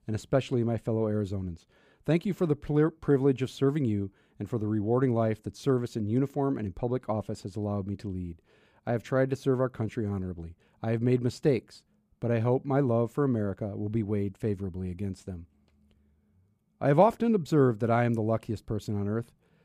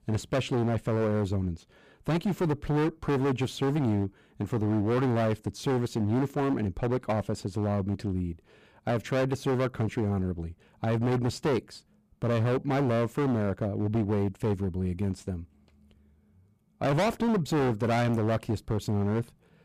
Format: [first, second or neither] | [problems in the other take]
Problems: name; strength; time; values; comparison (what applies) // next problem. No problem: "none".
first | distortion; heavy; 17% of the sound clipped